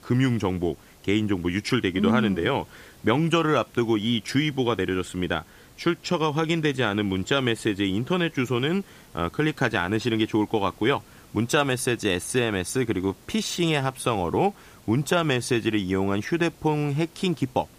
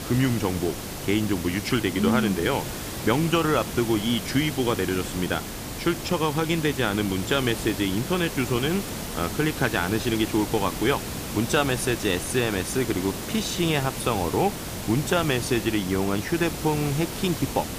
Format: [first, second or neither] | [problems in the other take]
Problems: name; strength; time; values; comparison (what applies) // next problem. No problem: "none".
first | hiss; loud; throughout; 7 dB below the speech; faint in the first